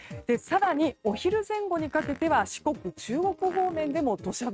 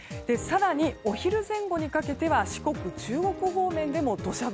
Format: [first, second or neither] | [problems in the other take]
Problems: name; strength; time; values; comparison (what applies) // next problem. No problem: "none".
second | noise reduction (neural mask model RNNoise)